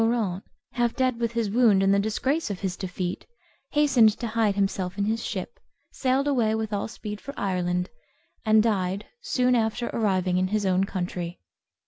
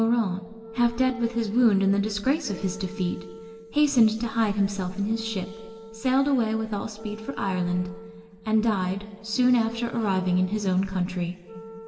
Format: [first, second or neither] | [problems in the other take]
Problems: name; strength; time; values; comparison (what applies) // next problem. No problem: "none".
first | background sound (Wind instrument, woodwind instrument); 19 dB below the speech // room echo; dies away in 3 s